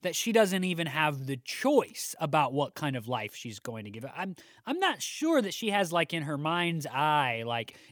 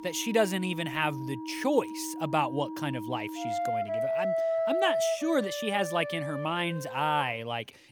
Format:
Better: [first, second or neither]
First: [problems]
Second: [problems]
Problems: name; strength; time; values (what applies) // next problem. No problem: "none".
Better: first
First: none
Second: background music; loud; throughout; 3 dB below the speech